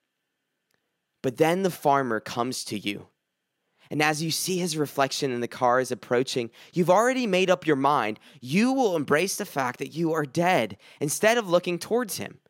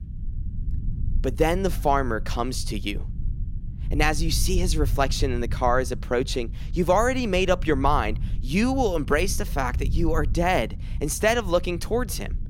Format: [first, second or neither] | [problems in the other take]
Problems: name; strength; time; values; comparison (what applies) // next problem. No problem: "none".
first | low rumble; faint; throughout; 20 dB below the speech